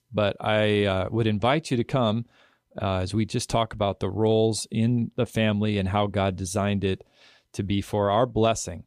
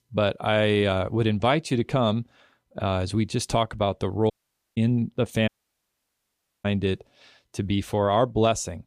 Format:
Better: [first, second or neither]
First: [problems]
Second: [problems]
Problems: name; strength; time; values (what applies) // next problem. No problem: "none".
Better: first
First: none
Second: audio cutting out; at 4.5 s and at 5.5 s for 1 s